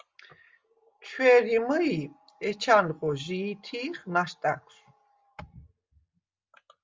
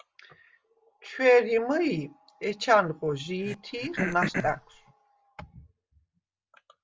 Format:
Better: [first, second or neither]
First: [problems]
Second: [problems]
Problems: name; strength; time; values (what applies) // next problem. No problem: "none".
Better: first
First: none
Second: background sound (Cough); 5 dB below the speech